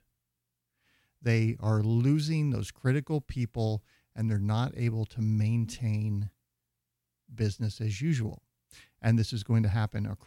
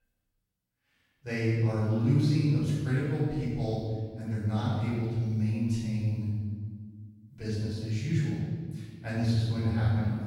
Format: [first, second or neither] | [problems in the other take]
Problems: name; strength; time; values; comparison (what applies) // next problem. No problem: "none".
first | room echo; strong; dies away in 1.5 s // off-mic speech; far